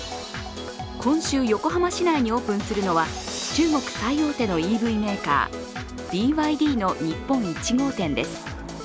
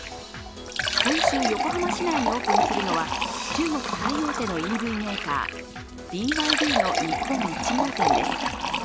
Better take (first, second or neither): first